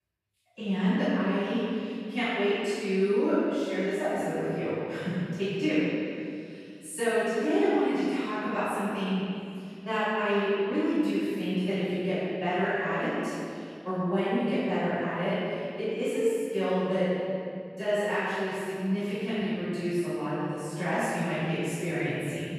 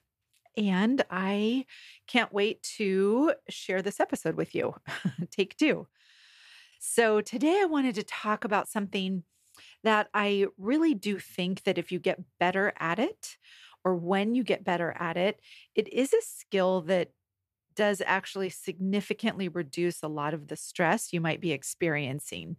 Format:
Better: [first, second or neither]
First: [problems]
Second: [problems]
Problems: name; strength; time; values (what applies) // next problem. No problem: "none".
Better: second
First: off-mic speech; far // room echo; strong; dies away in 2.3 s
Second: none